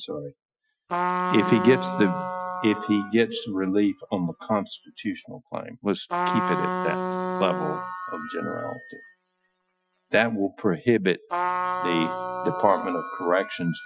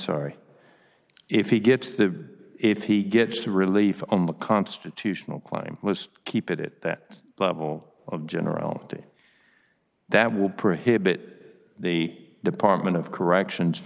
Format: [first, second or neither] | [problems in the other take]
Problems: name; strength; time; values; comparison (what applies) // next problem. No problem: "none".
second | noise reduction (classical method Wiener filter)